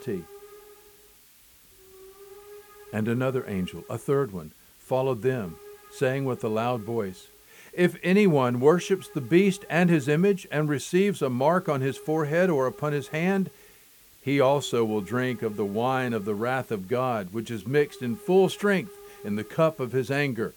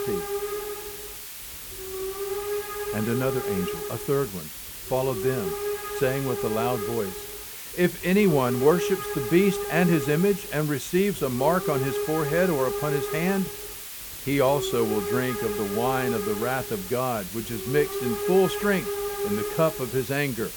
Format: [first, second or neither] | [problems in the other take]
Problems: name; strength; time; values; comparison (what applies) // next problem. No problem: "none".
first | hiss; loud; throughout; 5 dB below the speech; faint in the first